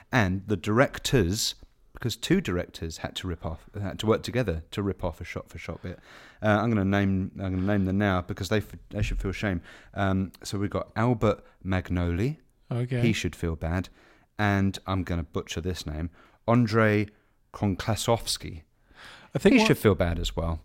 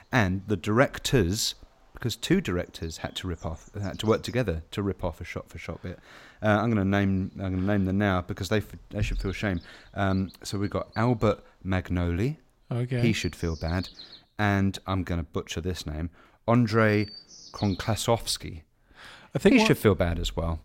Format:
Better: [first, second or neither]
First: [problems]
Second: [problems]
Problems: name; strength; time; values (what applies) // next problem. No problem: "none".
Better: first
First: none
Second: animal sounds; faint; throughout; 20 dB below the speech